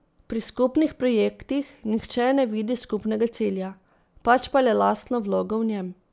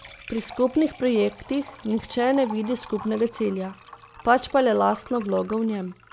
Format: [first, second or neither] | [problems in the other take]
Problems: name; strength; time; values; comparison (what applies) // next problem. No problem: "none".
first | background sound (Liquid); 19 dB below the speech